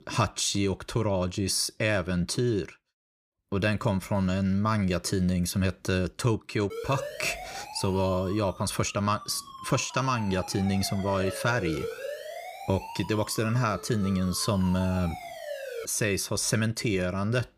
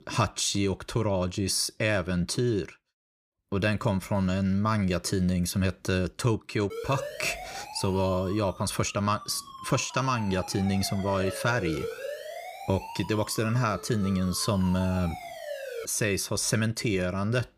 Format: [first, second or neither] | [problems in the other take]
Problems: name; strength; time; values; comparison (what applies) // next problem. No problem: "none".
neither | siren; noticeable; from 6.5 to 16 s; peak 7 dB below the speech; the same in both